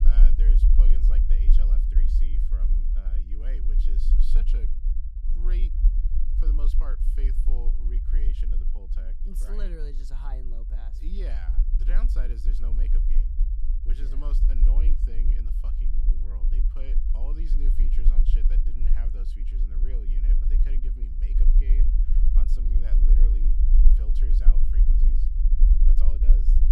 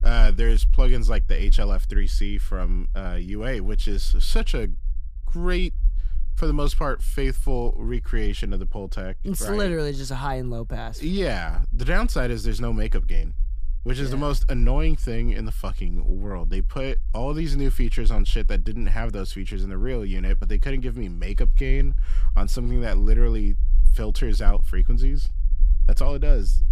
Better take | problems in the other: second | low rumble; loud; throughout; as loud as the speech; faint in the second

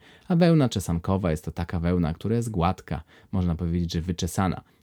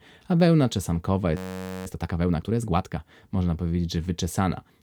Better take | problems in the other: first | audio freezing; at 1.5 s for 0.5 s

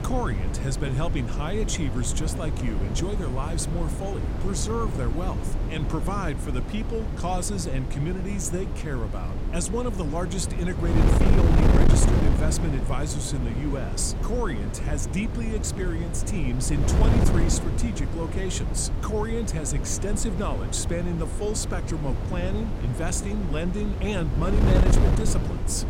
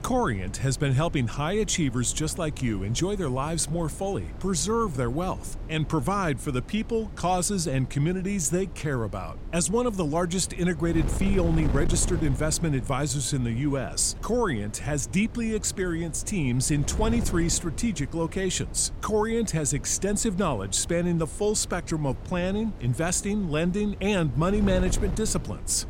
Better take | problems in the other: second | wind noise on the microphone; heavy; 3 dB below the speech; occasional gusts in the second

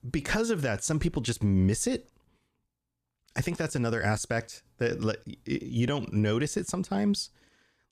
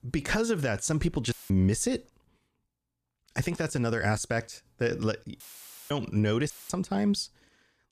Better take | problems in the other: first | audio cutting out; filled with static; at 1.5 s, at 5.5 s for 0.5 s and at 6.5 s

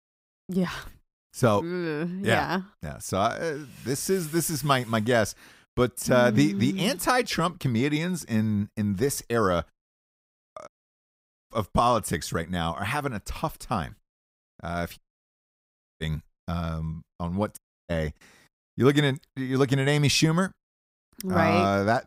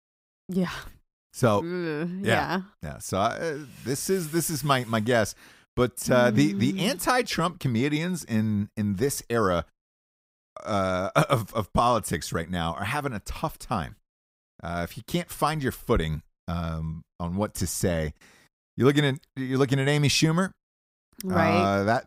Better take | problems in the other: second | audio cutting out; at 11 s for 1 s, at 15 s for 1 s and at 18 s

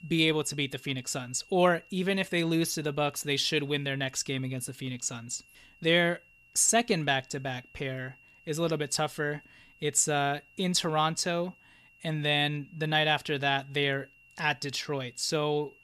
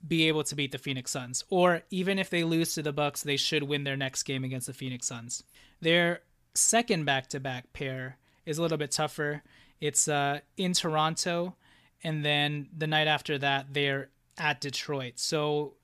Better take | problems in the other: second | high-pitched whine; faint; throughout; 2.5 kHz, 25 dB below the speech

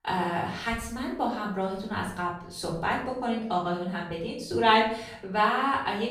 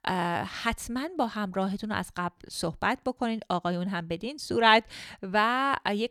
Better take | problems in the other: second | room echo; noticeable; dies away in 0.5 s // off-mic speech; far

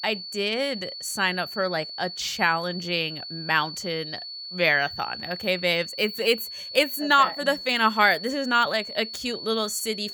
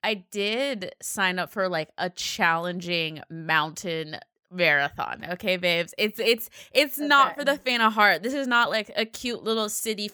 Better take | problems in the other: second | high-pitched whine; loud; throughout; 4.5 kHz, 10 dB below the speech

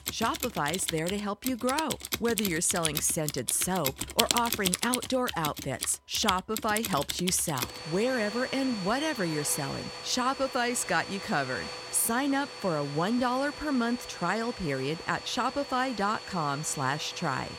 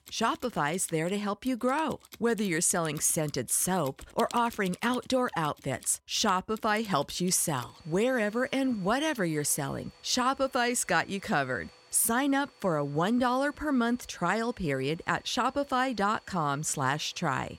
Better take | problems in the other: second | household noises; loud; throughout; 6 dB below the speech; faint in the second

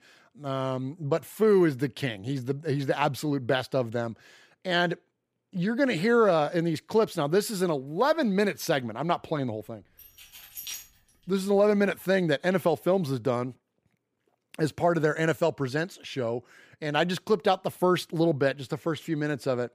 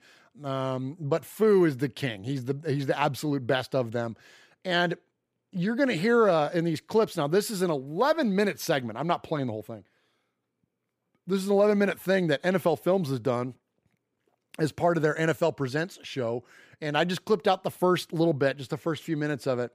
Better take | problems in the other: second | jangling keys; noticeable; at 10 s; peak 10 dB below the speech

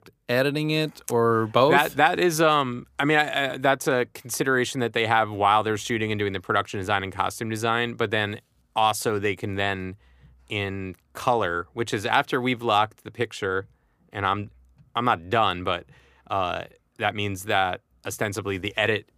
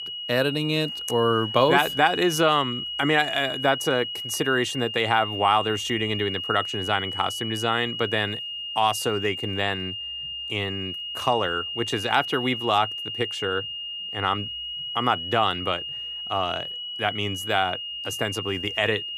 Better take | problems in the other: first | high-pitched whine; loud; throughout; 3 kHz, 5 dB below the speech

